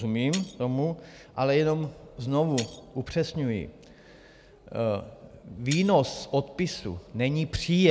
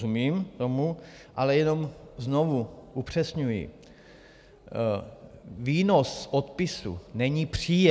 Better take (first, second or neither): second